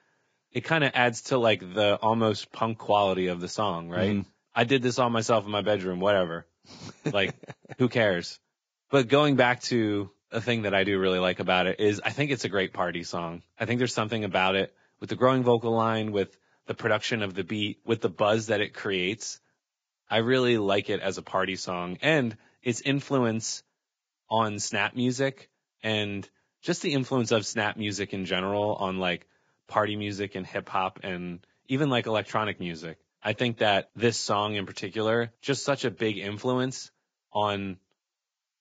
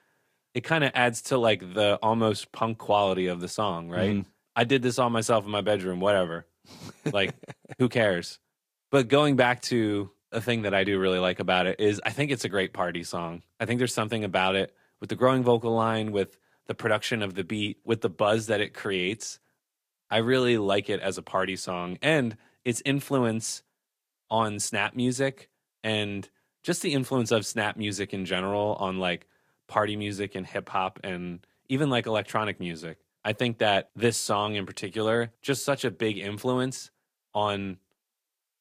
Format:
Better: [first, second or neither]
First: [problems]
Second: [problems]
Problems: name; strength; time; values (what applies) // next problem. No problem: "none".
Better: second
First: garbled, watery; badly; nothing above 7.5 kHz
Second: garbled, watery; slightly; nothing above 14.5 kHz